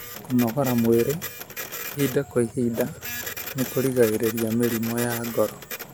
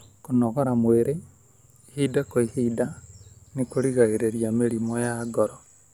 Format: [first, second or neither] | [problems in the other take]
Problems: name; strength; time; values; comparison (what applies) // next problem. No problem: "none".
second | background sound (Printer); 10 dB below the speech